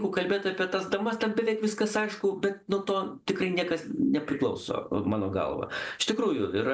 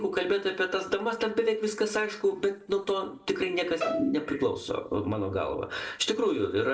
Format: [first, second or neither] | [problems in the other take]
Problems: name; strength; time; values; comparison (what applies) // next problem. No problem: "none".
first | background sound (Bowed string instrument); 6 dB below the speech // room echo; dies away in 0.8 s